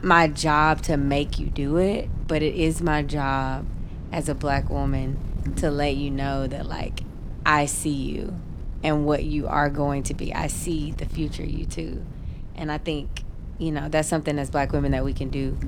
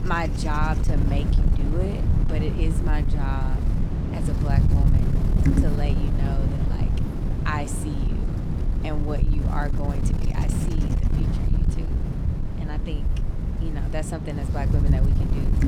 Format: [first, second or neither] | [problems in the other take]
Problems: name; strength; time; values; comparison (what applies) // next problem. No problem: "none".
first | wind noise on the microphone; heavy; 2 dB below the speech; occasional gusts in the first